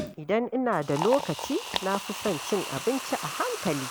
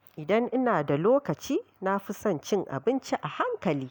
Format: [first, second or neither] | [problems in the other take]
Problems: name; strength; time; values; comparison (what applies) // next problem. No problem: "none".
second | background sound (Liquid); 7 dB below the speech